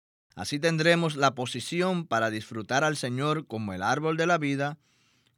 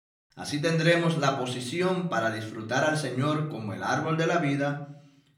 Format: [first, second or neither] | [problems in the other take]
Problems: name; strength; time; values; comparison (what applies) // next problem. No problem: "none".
first | room echo; slight; dies away in 0.5 s // off-mic speech; far